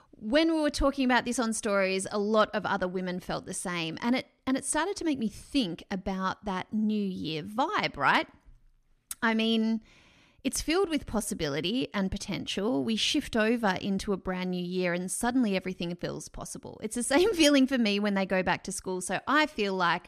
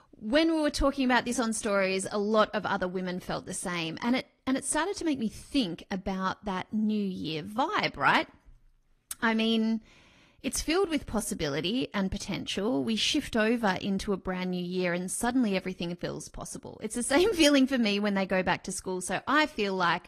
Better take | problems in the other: first | garbled, watery; slightly

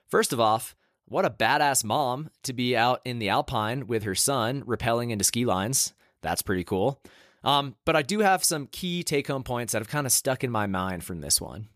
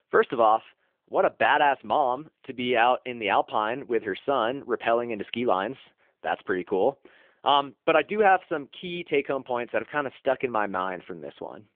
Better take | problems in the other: first | phone-call audio; nothing above 3.5 kHz

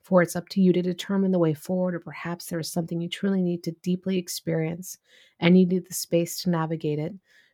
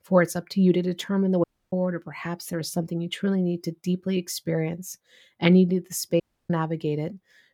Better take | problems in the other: first | audio cutting out; at 1.5 s and at 6 s

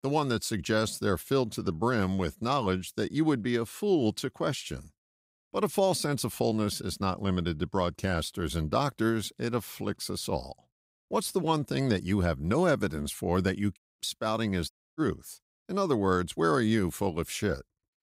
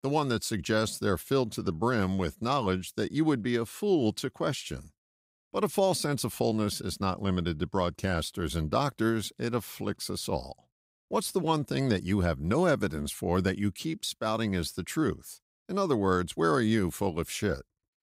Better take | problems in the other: second | audio cutting out; at 14 s and at 15 s

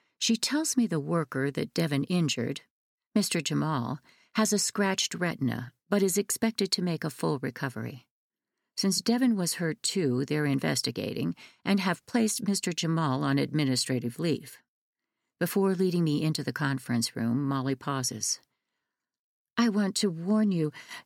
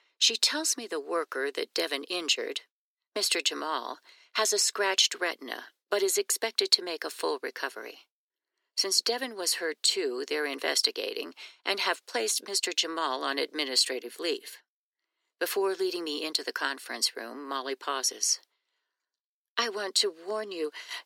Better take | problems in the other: first | thin; very; fading below 350 Hz

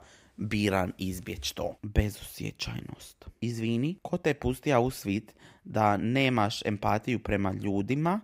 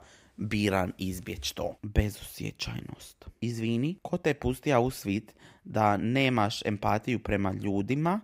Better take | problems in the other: neither | none

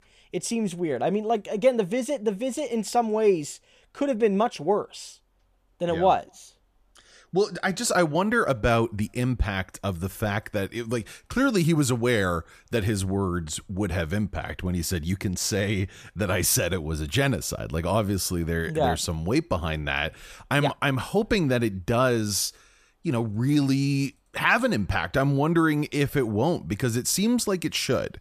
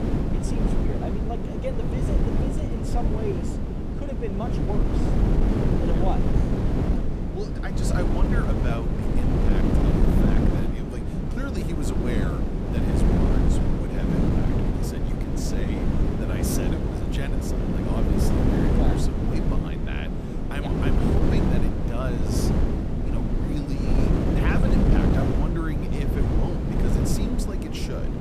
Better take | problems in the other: first | wind noise on the microphone; heavy; 5 dB above the speech

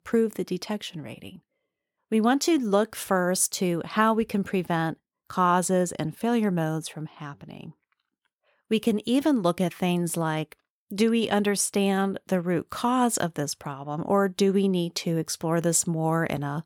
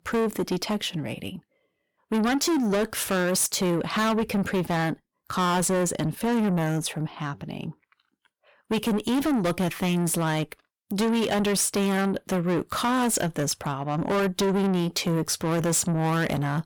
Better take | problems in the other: first | distortion; heavy; 6 dB below the speech

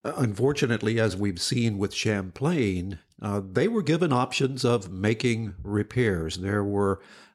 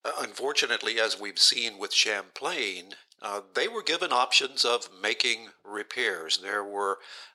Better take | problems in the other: first | thin; very; fading below 600 Hz

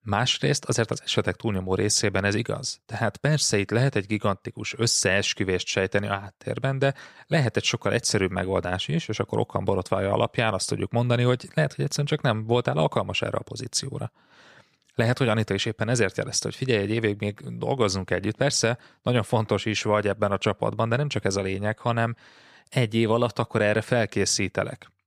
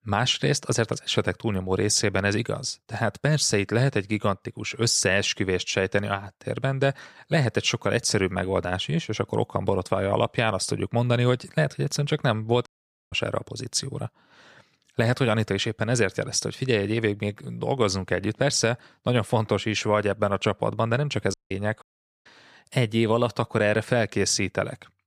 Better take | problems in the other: first | audio cutting out; at 13 s, at 21 s and at 22 s

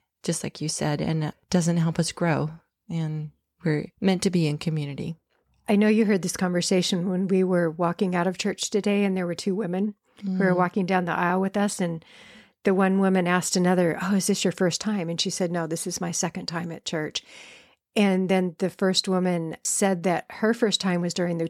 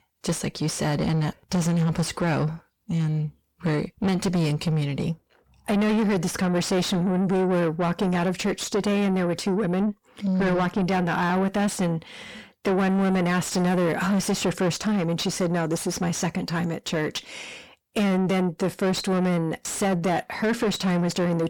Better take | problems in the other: first | distortion; heavy; 7 dB below the speech

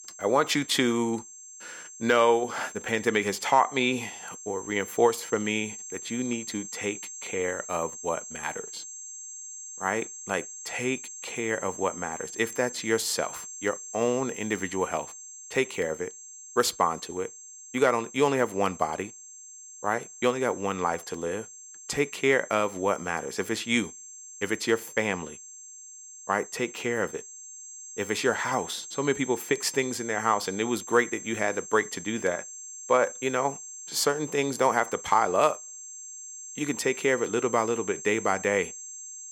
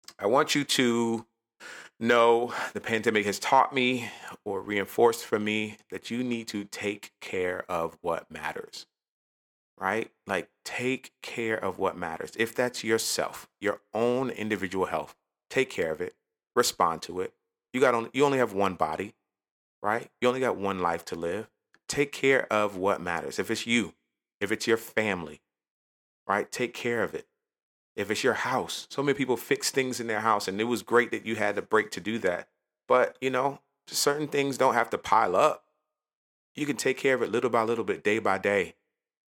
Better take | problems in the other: second | high-pitched whine; noticeable; throughout; 7.5 kHz, 10 dB below the speech

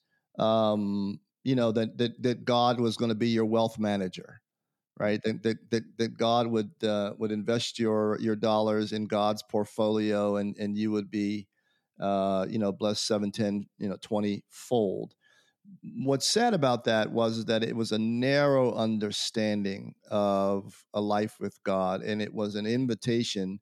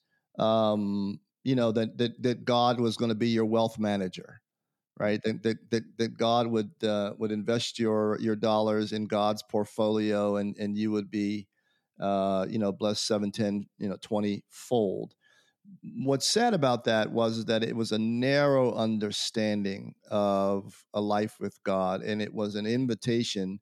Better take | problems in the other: neither | none

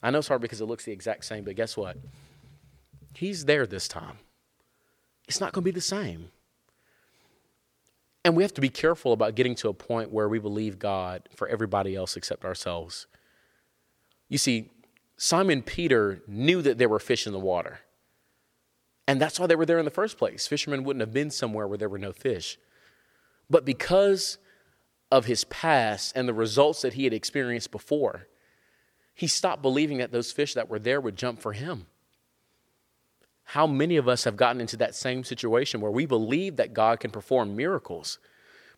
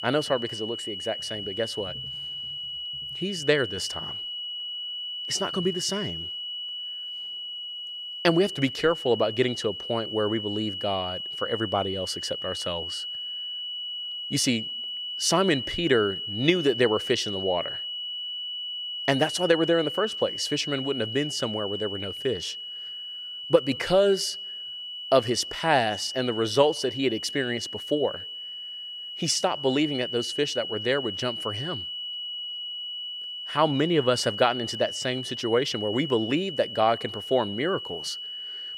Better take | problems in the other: first | high-pitched whine; loud; throughout; 3 kHz, 6 dB below the speech

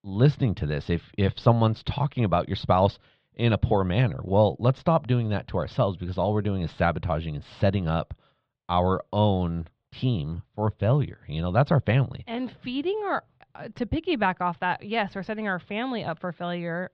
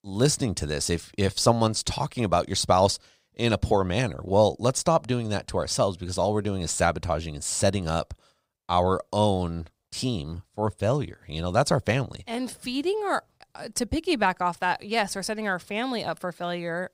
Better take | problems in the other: second | muffled; very; fading above 3.5 kHz

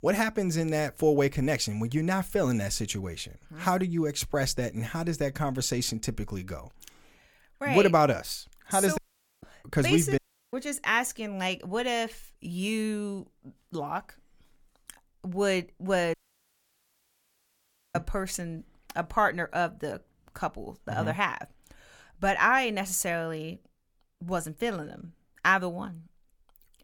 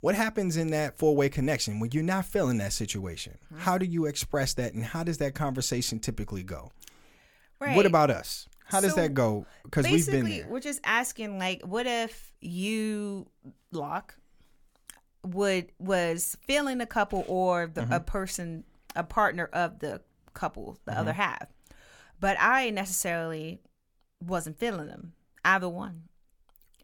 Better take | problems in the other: second | audio cutting out; at 9 s, at 10 s and at 16 s for 2 s

